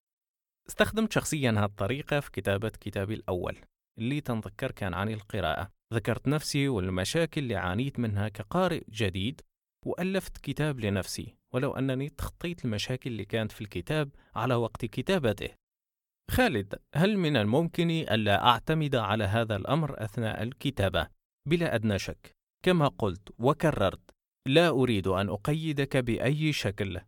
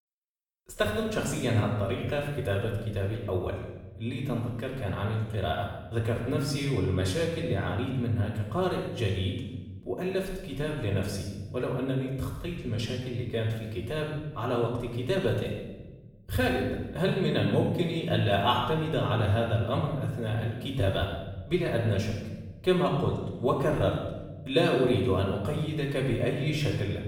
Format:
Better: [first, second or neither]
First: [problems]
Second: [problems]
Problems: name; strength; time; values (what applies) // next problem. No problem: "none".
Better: first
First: none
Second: off-mic speech; far // room echo; noticeable; dies away in 1.1 s